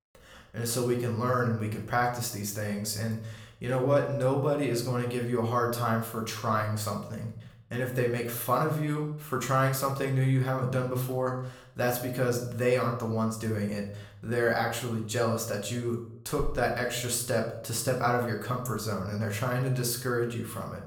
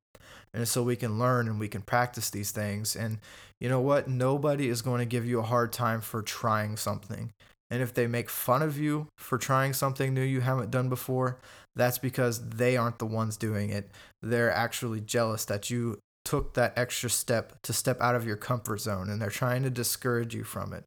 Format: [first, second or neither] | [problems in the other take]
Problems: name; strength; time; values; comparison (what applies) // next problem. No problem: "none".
second | room echo; slight; dies away in 0.5 s // off-mic speech; somewhat distant